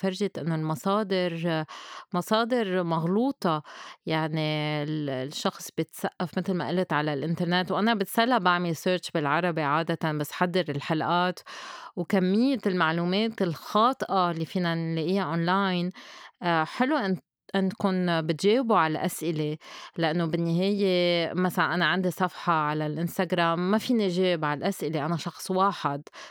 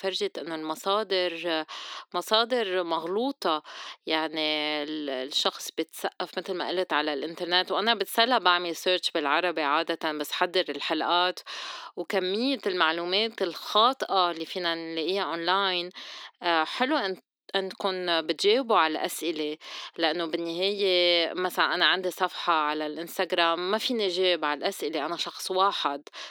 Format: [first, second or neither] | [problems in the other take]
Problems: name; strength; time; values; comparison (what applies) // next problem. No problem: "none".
first | thin; somewhat; fading below 300 Hz